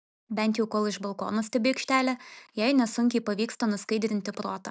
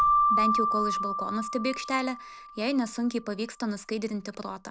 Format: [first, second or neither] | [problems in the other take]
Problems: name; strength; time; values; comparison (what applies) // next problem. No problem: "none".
first | background sound (Keyboard (musical)); 2 dB above the speech